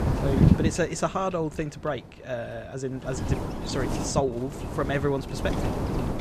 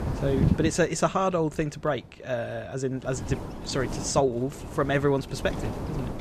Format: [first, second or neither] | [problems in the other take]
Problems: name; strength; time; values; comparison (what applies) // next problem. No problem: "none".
second | wind noise on the microphone; heavy; 3 dB below the speech; occasional gusts in the second